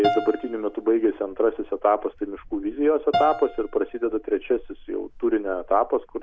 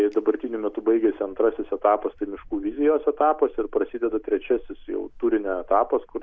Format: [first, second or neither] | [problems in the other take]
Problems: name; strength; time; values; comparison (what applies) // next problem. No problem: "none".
second | background sound (Piano); 10 dB below the speech